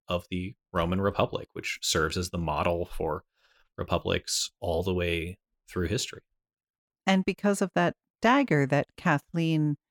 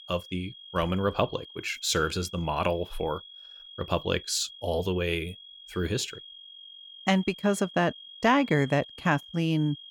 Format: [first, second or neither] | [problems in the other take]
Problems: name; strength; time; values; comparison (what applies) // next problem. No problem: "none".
first | high-pitched whine; noticeable; throughout; 3.5 kHz, 15 dB below the speech